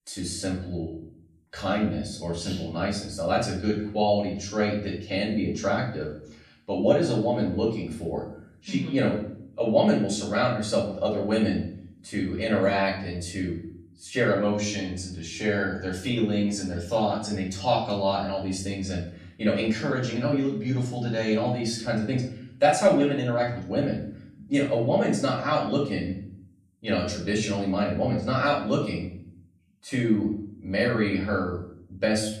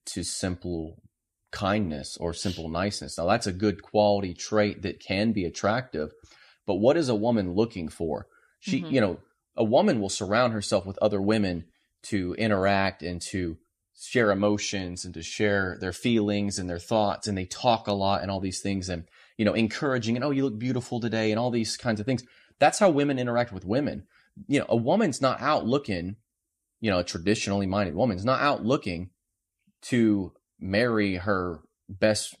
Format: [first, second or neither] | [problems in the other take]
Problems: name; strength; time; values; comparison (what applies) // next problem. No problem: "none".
second | room echo; noticeable; dies away in 0.5 s // off-mic speech; far